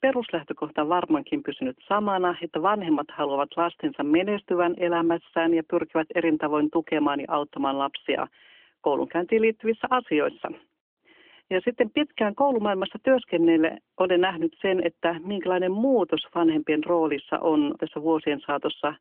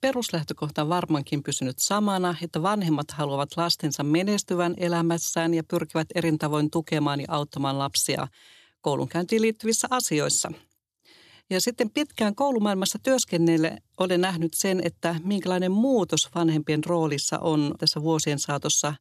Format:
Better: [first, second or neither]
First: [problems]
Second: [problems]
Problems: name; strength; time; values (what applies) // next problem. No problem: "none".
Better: second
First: phone-call audio; nothing above 3 kHz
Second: none